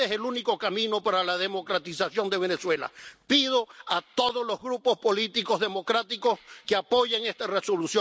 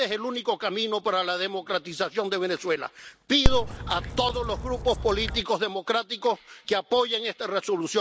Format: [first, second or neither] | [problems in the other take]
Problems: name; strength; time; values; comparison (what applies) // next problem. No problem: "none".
first | background sound (Dog); 1 dB above the speech